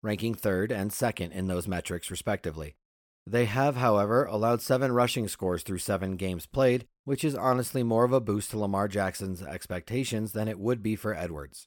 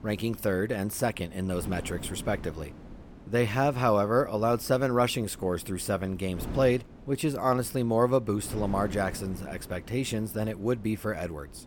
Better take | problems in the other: first | wind noise on the microphone; occasional gusts; 20 dB below the speech

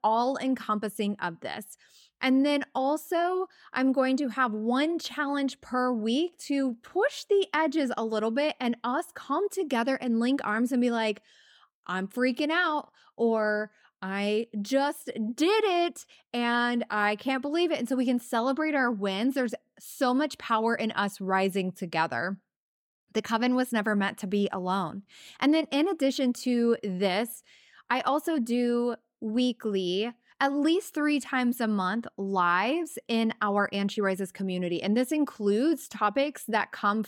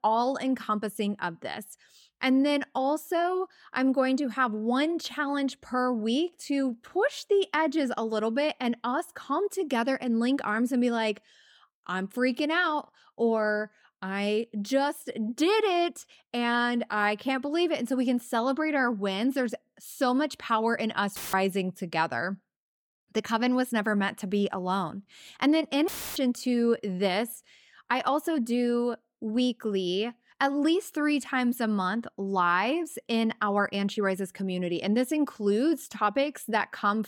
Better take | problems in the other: first | audio cutting out; filled with static; at 21 s and at 26 s

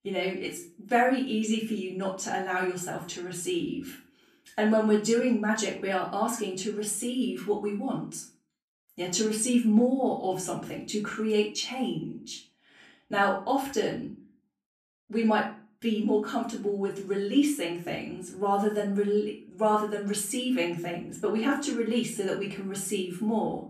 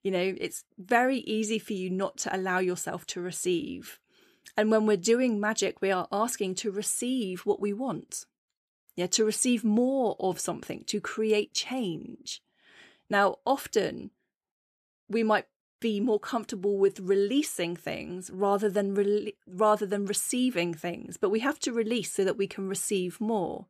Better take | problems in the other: second | off-mic speech; far // room echo; slight; dies away in 0.3 s

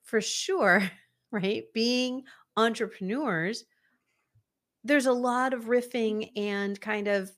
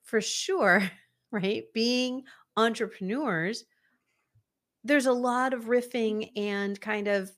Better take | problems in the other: neither | none

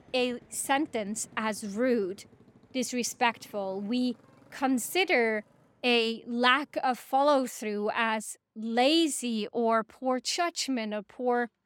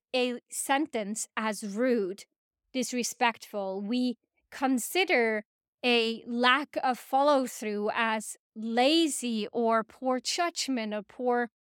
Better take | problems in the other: second | traffic noise; faint; throughout; 30 dB below the speech

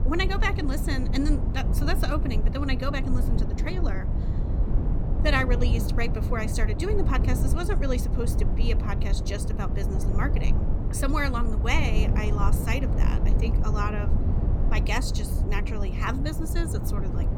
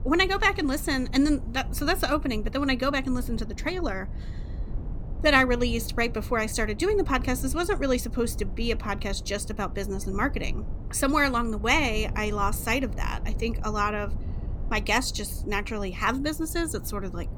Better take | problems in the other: second | low rumble; loud; throughout; 7 dB below the speech; faint in the second

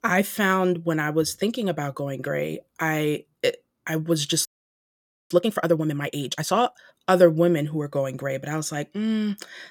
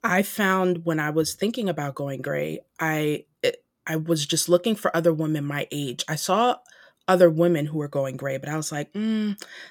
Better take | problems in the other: second | audio freezing; at 4.5 s for 1 s

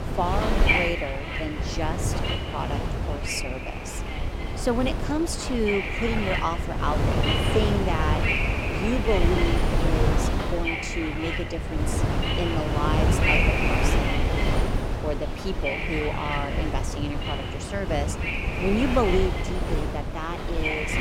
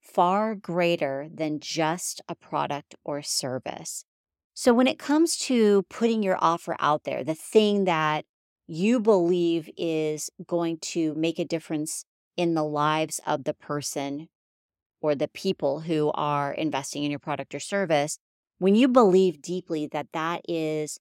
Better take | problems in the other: second | wind noise on the microphone; heavy; 2 dB above the speech

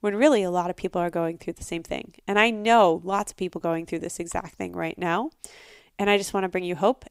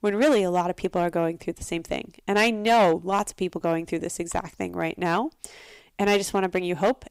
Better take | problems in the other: first | distortion; slight; 3% of the sound clipped

